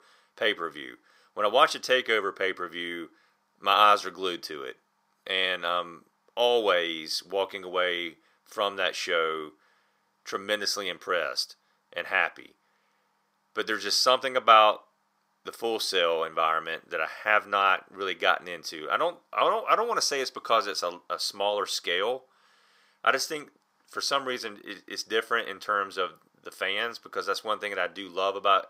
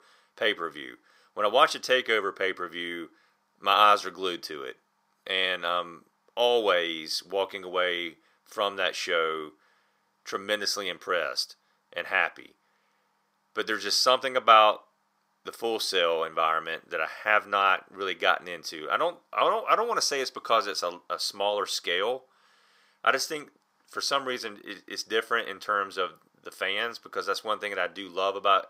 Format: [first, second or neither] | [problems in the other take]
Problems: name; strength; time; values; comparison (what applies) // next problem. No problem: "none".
neither | thin; somewhat; fading below 450 Hz; the same in both